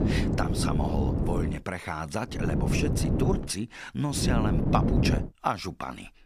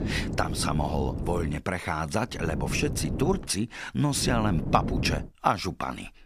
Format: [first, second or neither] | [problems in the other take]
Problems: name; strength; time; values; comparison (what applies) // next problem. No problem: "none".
second | wind noise on the microphone; heavy; until 1.5 s, from 2.5 to 3.5 s and from 4 to 5 s; 2 dB below the speech; occasional gusts in the second